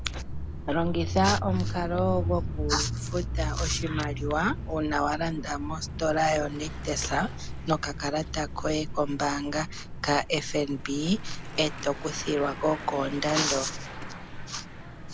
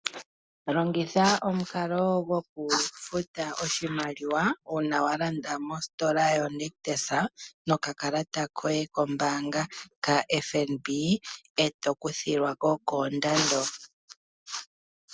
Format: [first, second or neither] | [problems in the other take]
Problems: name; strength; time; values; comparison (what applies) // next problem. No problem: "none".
second | background sound (Mechanisms / Bicycle); 5 dB below the speech